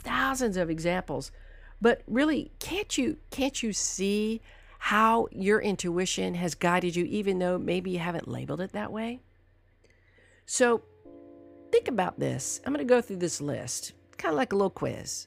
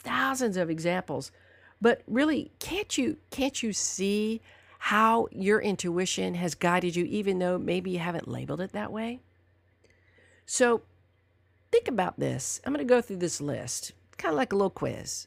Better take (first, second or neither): second